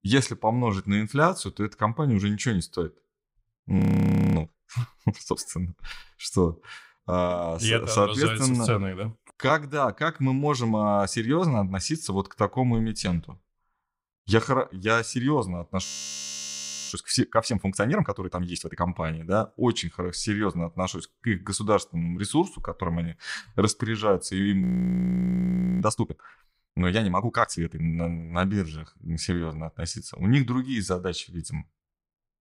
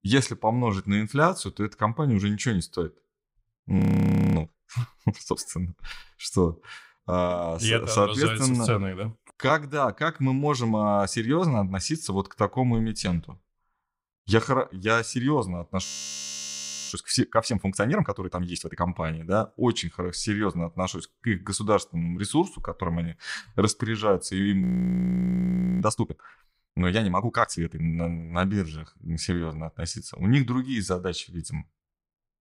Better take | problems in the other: neither | audio freezing; at 4 s for 0.5 s, at 16 s for 1 s and at 25 s for 1 s; the same in both

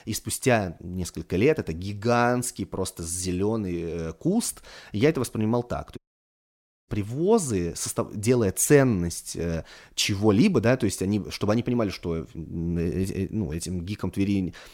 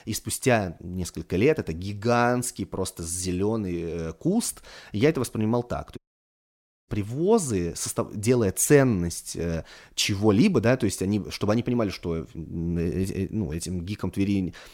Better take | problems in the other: neither | audio cutting out; at 6 s for 1 s; the same in both

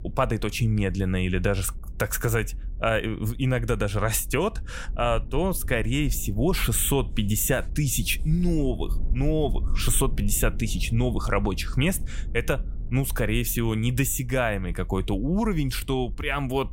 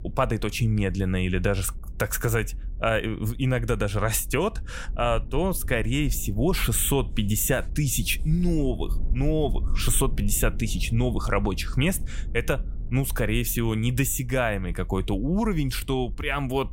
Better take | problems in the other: neither | low rumble; faint; throughout; 25 dB below the speech; the same in both

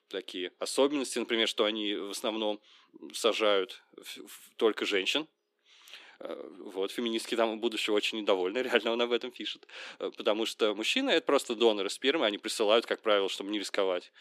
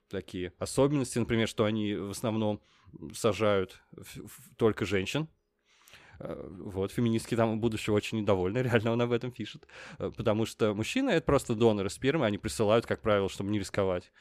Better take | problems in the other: second | thin; somewhat; fading below 250 Hz

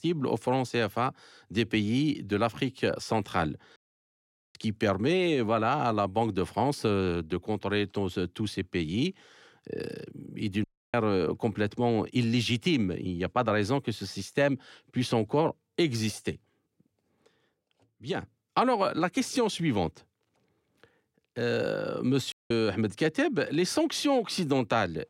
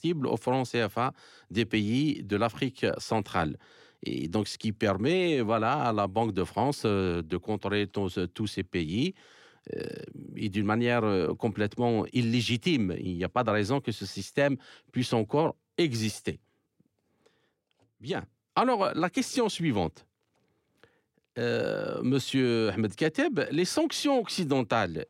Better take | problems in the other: second | audio cutting out; at 4 s for 1 s, at 11 s and at 22 s

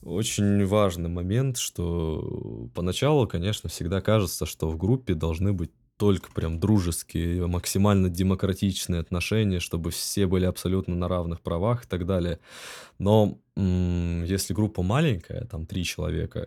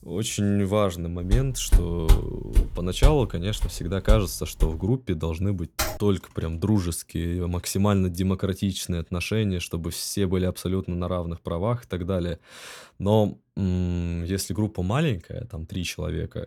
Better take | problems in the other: first | footsteps; loud; from 1.5 to 4.5 s; peak 3 dB above the speech // keyboard typing; noticeable; at 6 s; peak 2 dB below the speech

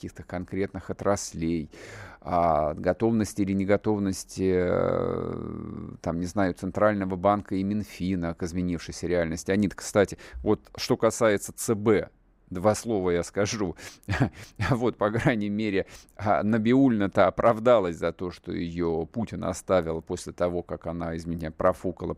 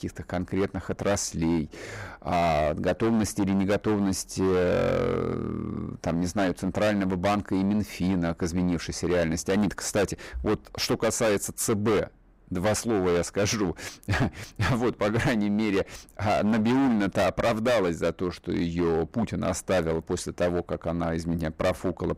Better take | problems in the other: first | distortion; heavy; 16% of the sound clipped

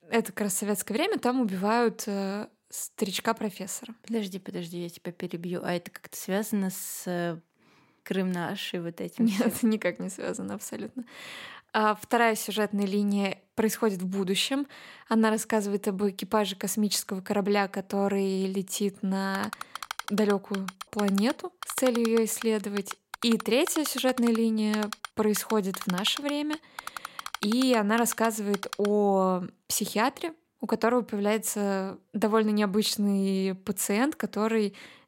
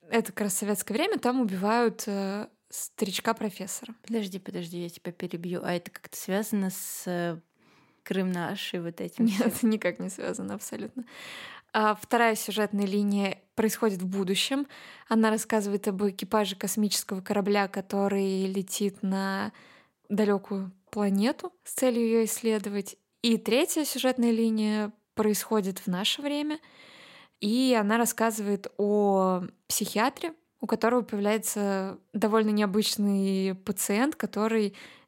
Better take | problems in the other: second | keyboard typing; noticeable; from 19 to 29 s; peak 8 dB below the speech

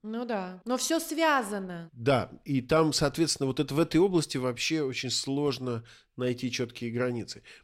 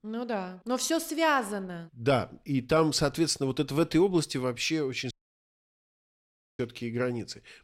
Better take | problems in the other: first | audio cutting out; at 5 s for 1.5 s

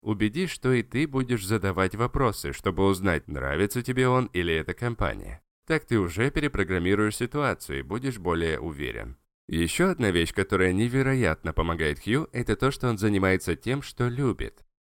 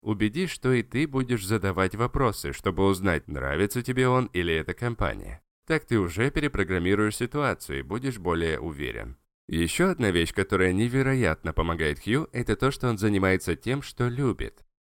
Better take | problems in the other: neither | none

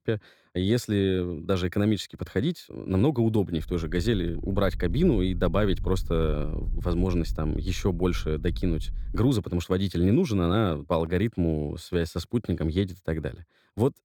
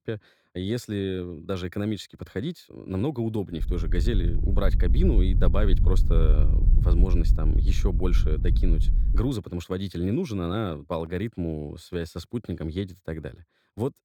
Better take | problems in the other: first | low rumble; loud; from 3.5 to 9.5 s; 10 dB below the speech; faint in the first

